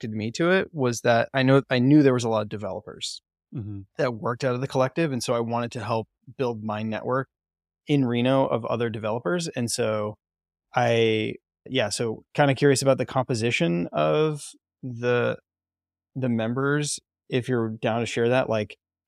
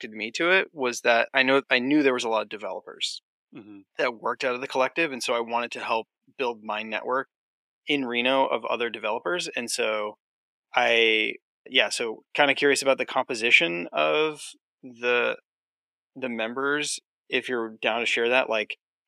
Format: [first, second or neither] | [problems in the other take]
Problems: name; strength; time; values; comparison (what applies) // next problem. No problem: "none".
first | thin; somewhat; fading below 300 Hz